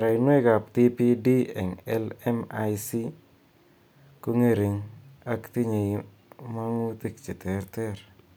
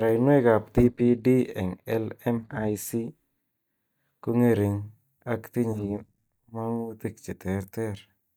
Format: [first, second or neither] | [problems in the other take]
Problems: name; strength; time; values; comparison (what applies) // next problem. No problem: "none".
first | noise reduction (neural mask model DeepFilterNet 3)